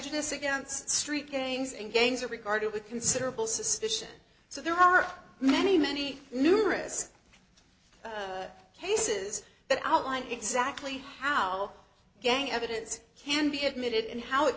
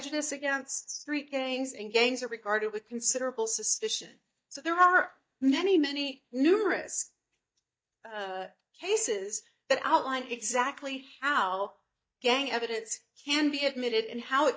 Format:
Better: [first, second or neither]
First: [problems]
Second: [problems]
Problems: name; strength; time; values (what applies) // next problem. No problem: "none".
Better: first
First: none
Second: noise reduction (neural mask model DeepFilterNet 3)